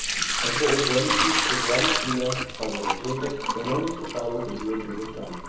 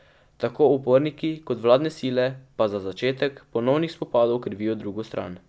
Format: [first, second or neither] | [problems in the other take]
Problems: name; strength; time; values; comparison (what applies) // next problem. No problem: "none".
second | background sound (Sink (filling or washing) / Liquid); 1 dB above the speech // room echo; dies away in 1.8 s